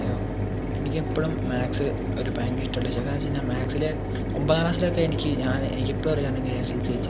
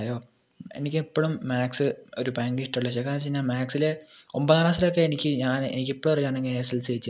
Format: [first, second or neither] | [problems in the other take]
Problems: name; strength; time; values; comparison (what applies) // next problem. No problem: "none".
second | background sound (Mechanisms); 1 dB above the speech